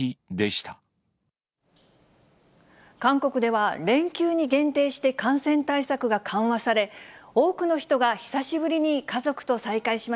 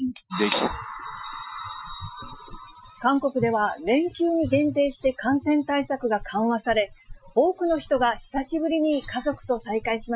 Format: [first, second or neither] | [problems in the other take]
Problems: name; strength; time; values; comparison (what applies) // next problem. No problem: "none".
first | noise reduction (classical method Wiener filter)